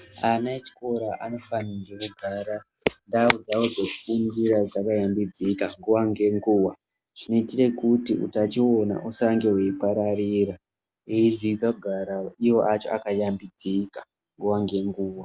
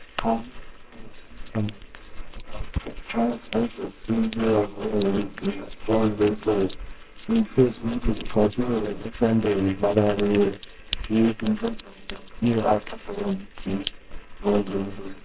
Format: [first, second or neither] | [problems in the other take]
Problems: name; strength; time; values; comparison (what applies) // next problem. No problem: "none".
first | noise reduction (neural separator model SepFormer WHAMR!)